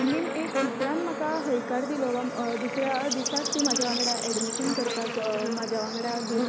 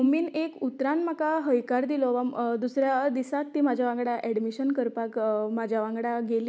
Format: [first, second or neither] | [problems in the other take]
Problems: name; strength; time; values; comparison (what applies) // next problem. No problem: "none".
second | background sound (Bird / Insect); 2 dB below the speech